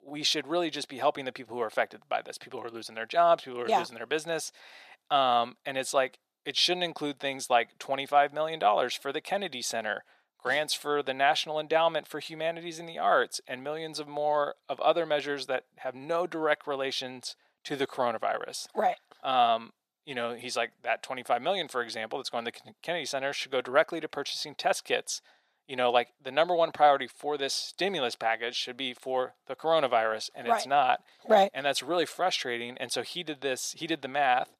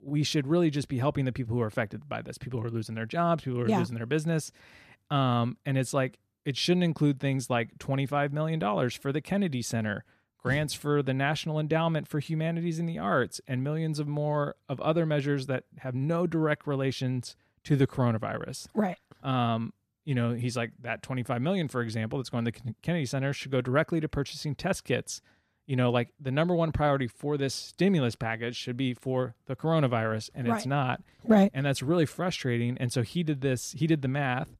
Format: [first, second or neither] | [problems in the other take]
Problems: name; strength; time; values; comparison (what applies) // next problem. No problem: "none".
second | thin; very; fading below 600 Hz